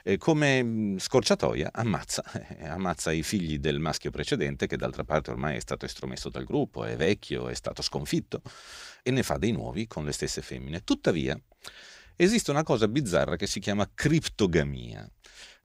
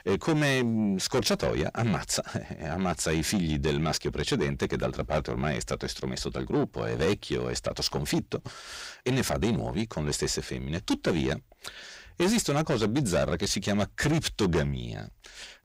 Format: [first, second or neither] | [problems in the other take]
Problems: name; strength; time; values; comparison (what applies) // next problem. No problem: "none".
first | distortion; heavy; 7 dB below the speech